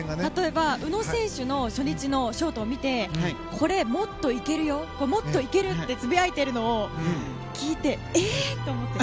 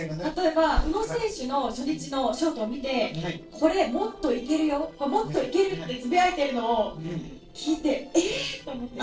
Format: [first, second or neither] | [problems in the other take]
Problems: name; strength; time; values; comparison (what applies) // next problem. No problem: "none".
first | noise reduction (neural separator model SepFormer DNS4)